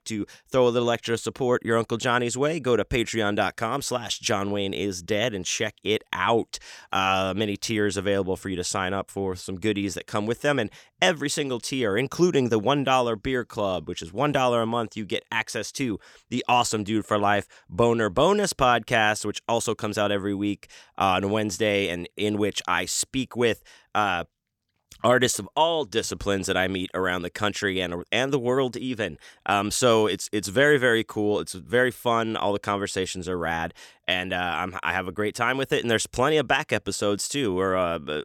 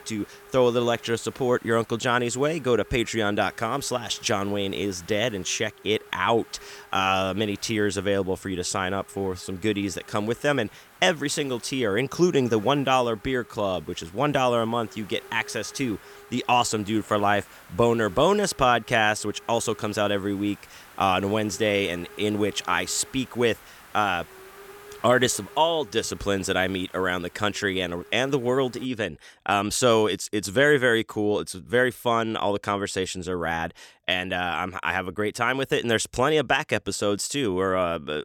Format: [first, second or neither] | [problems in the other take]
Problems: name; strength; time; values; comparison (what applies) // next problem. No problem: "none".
first | hiss; faint; until 29 s; 25 dB below the speech